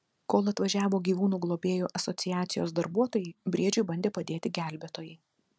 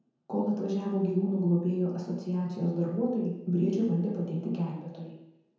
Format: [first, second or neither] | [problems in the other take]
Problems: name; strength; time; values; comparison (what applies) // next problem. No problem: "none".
first | room echo; dies away in 0.9 s